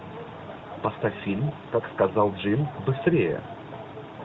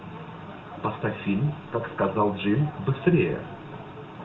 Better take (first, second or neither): first